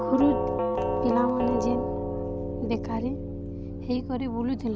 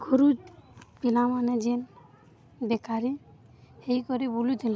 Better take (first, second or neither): second